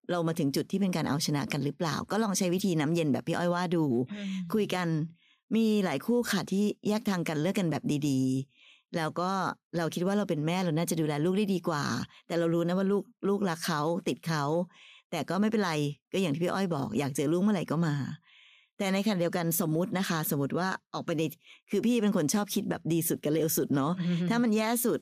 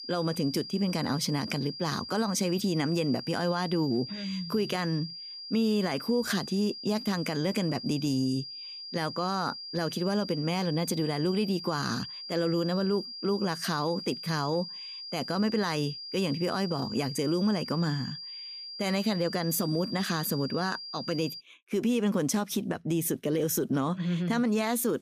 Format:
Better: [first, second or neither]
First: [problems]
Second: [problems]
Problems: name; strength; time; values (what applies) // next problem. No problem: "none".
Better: first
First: none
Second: high-pitched whine; loud; until 21 s; 5 kHz, 9 dB below the speech